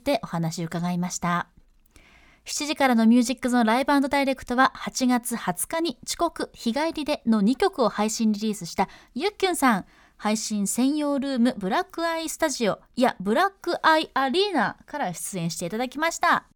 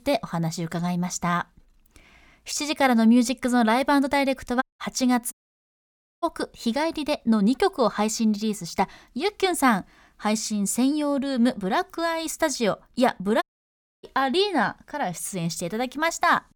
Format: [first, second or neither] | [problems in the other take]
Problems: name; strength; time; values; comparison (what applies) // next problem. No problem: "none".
first | audio cutting out; at 4.5 s, at 5.5 s for 1 s and at 13 s for 0.5 s